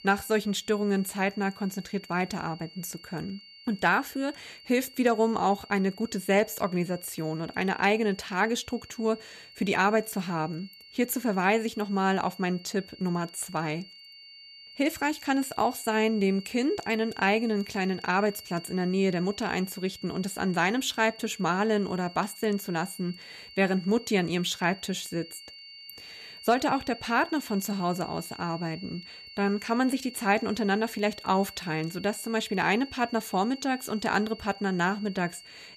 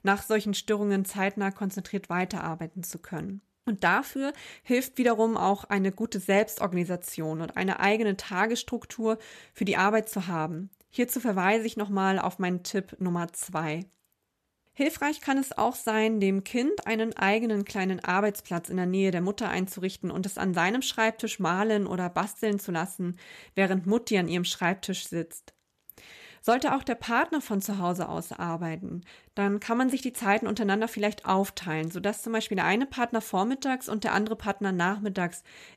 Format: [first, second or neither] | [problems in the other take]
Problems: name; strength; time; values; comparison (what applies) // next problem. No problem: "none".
second | high-pitched whine; noticeable; throughout; 4.5 kHz, 15 dB below the speech